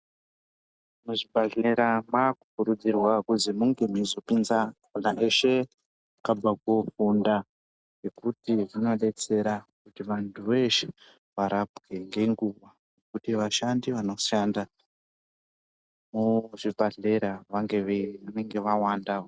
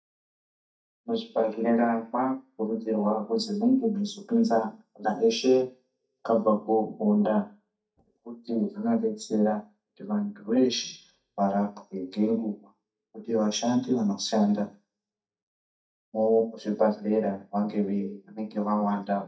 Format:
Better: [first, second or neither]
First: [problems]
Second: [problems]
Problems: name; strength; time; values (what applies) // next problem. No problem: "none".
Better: first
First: none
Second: noise reduction (neural mask model DeepFilterNet 3)